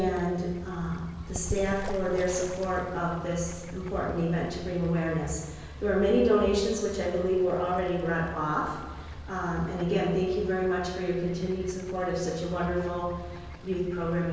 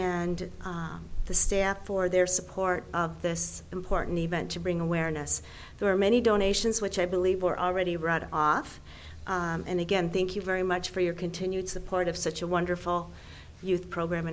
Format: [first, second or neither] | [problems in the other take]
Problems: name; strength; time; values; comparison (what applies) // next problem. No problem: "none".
second | background sound (Bird / Fowl); 16 dB below the speech // room echo; dies away in 1.2 s